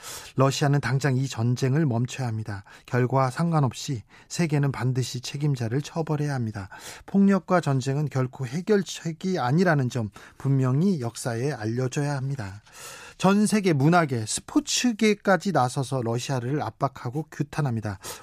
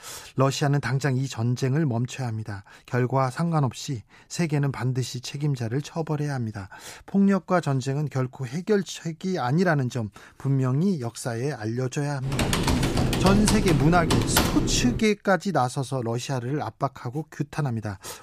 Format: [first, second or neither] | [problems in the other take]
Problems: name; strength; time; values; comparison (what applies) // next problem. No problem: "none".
first | keyboard typing; loud; from 12 to 15 s; peak 4 dB above the speech